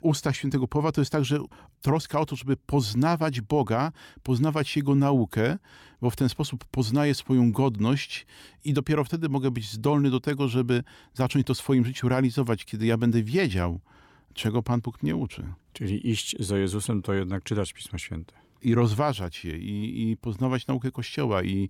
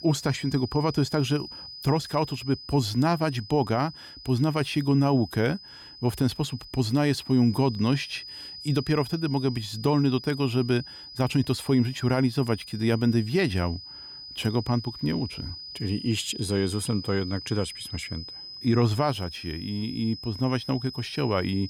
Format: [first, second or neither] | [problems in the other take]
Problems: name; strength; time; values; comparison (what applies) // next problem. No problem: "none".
first | high-pitched whine; noticeable; throughout; 5 kHz, 15 dB below the speech